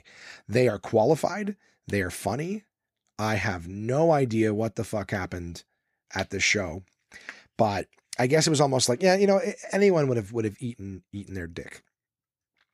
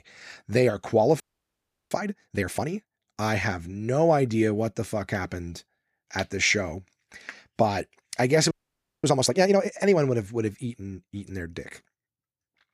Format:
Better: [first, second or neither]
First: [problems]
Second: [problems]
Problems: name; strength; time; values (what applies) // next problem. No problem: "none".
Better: first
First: none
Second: audio freezing; at 1 s for 0.5 s and at 8.5 s for 0.5 s